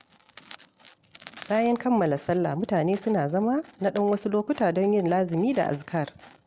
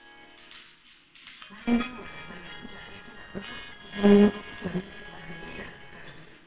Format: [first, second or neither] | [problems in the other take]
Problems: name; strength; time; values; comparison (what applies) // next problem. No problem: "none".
first | noise reduction (neural separator model SepFormer WHAMR!)